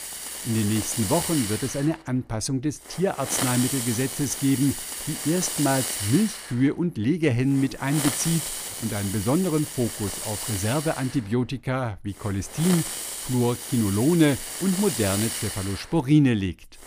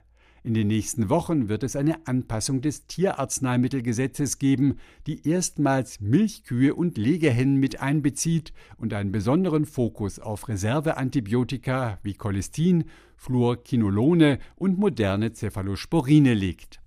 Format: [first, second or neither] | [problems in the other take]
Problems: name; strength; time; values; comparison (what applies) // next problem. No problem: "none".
second | hiss; loud; throughout; 4 dB below the speech